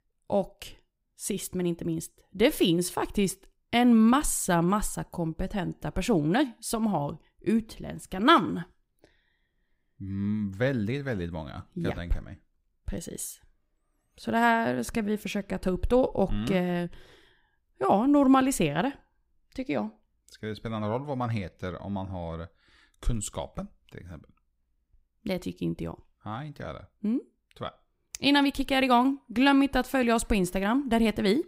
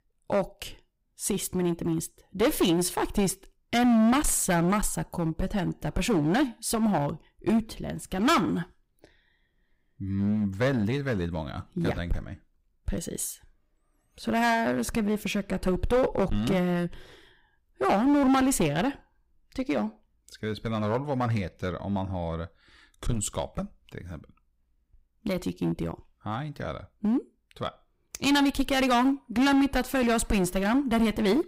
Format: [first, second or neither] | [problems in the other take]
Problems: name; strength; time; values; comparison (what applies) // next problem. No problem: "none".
first | distortion; heavy; 8% of the sound clipped